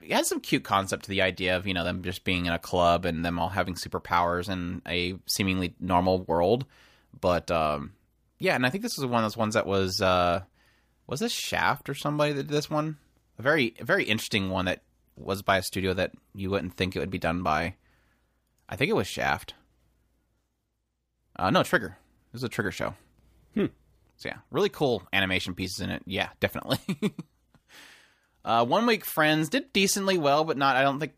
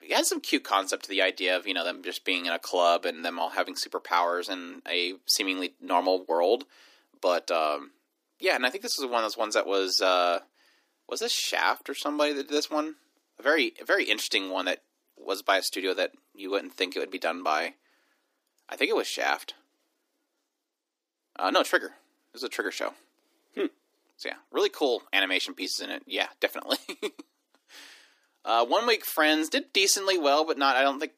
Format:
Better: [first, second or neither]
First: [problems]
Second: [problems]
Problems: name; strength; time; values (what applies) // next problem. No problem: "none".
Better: first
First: none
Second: thin; somewhat; fading below 300 Hz